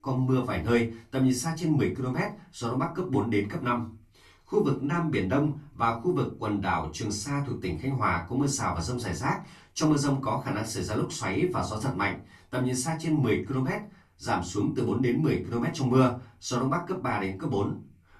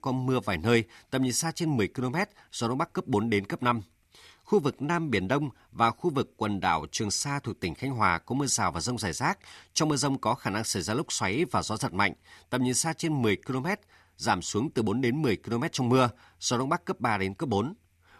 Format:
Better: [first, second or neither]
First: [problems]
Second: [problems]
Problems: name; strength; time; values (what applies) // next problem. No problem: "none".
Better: second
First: off-mic speech; far // room echo; very slight; dies away in 0.3 s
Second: none